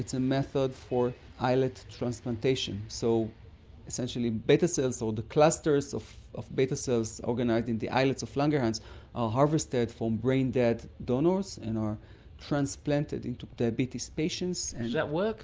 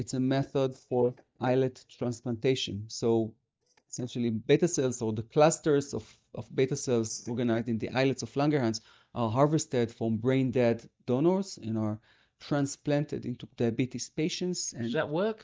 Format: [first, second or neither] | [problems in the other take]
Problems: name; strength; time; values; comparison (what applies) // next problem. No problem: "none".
first | noise reduction (neural mask model DeepFilterNet 3)